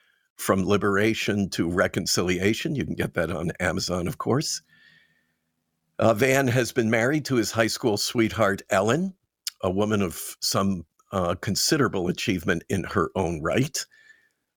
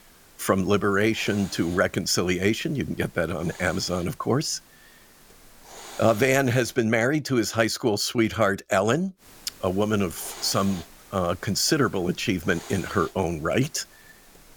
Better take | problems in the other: first | hiss; faint; until 6.5 s and from 9 s on; 20 dB below the speech

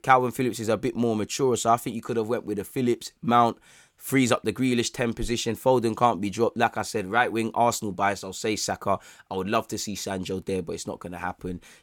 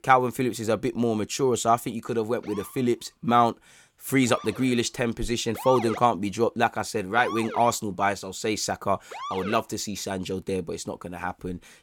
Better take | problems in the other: first | siren; noticeable; from 2.5 to 9.5 s; peak 6 dB below the speech

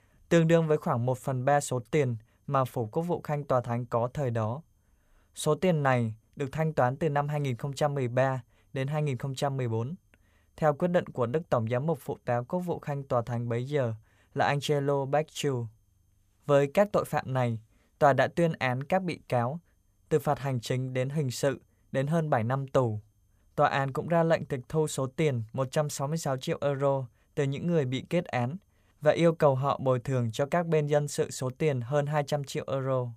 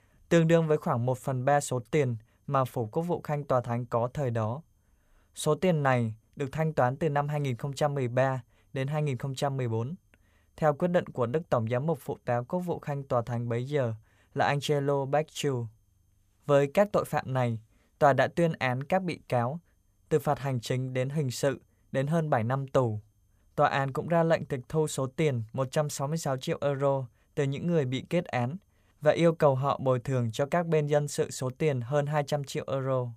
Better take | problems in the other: neither | none

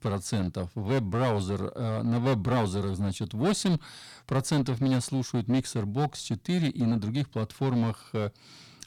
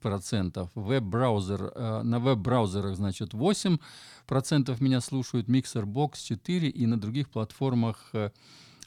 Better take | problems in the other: second | distortion; slight; 8% of the sound clipped

